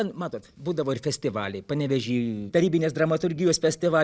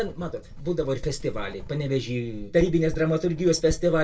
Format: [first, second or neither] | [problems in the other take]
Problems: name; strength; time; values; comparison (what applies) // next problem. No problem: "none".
first | background sound (Writing); 10 dB below the speech // room echo; dies away in 0.2 s